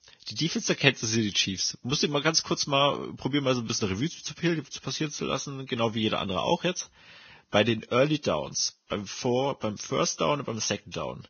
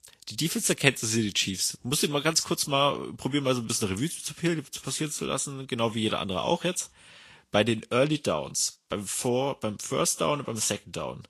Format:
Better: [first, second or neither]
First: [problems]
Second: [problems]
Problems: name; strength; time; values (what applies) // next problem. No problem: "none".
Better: second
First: garbled, watery; badly; nothing above 6.5 kHz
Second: garbled, watery; slightly; nothing above 12.5 kHz